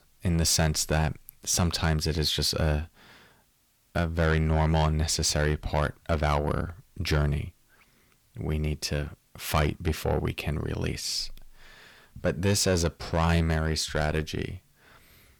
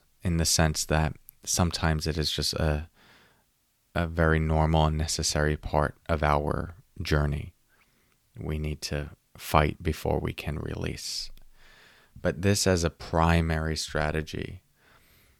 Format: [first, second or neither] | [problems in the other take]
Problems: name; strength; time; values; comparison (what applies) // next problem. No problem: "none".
second | distortion; slight; 10 dB below the speech